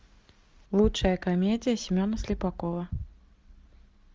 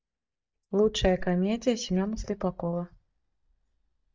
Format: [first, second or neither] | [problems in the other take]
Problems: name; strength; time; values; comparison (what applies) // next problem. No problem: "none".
first | noise reduction (neural mask model DeepFilterNet 3)